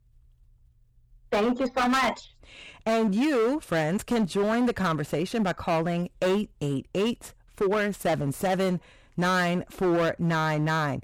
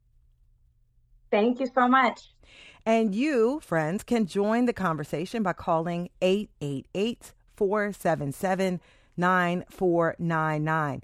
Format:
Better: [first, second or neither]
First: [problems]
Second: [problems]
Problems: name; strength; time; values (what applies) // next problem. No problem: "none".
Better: second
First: distortion; heavy; 16% of the sound clipped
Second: none